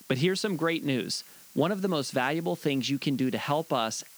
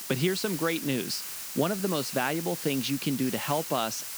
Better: first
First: hiss; faint; throughout; 20 dB below the speech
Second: hiss; loud; throughout; 6 dB below the speech

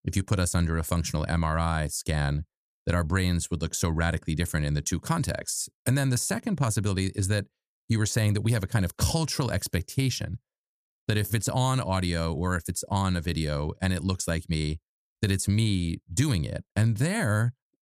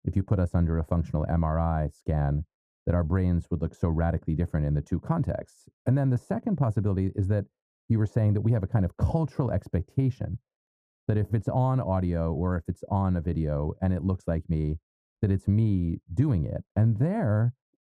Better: first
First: none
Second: muffled; very; fading above 2 kHz

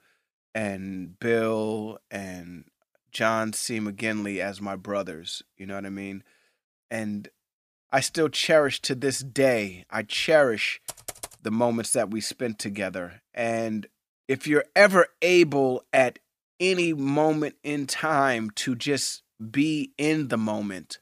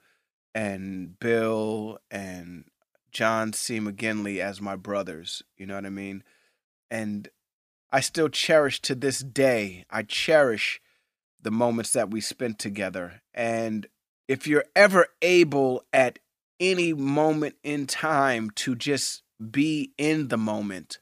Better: second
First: keyboard typing; faint; at 11 s; peak 10 dB below the speech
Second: none

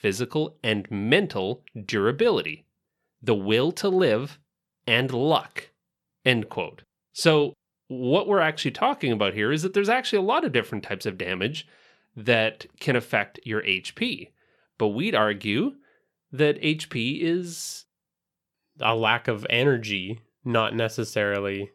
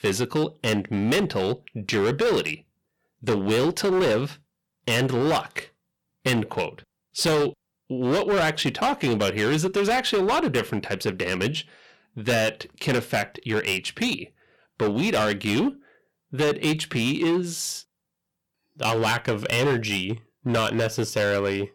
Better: first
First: none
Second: distortion; heavy; 14% of the sound clipped

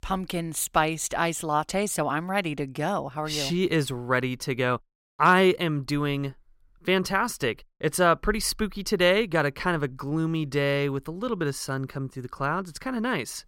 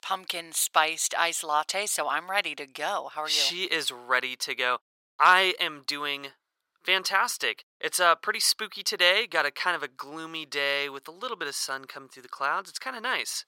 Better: first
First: none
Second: thin; very; fading below 750 Hz

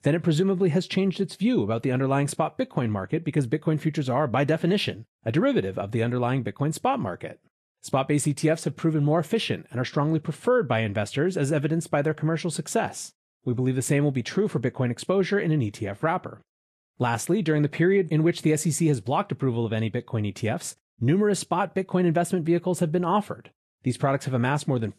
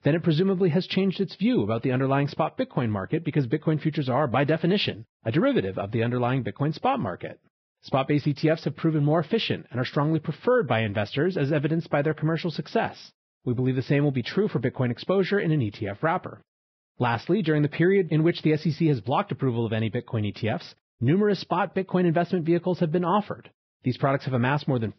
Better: first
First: garbled, watery; slightly; nothing above 12.5 kHz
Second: garbled, watery; badly; nothing above 5.5 kHz

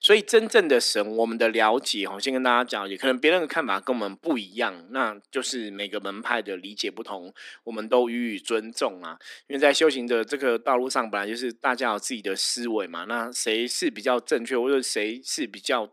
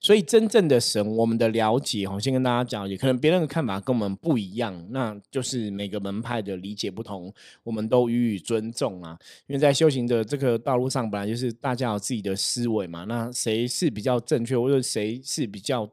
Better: second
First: thin; somewhat; fading below 250 Hz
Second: none

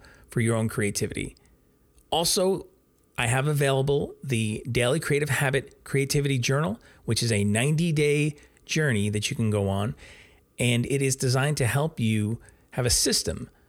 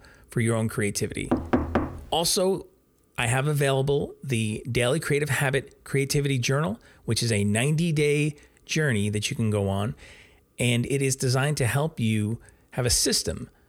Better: first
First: none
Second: door banging; noticeable; at 1.5 s; peak level with the speech

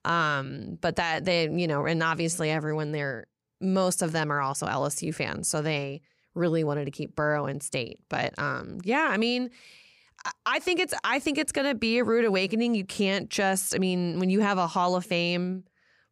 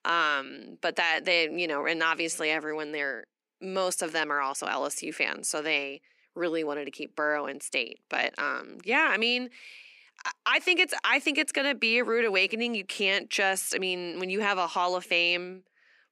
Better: first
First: none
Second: thin; somewhat; fading below 250 Hz

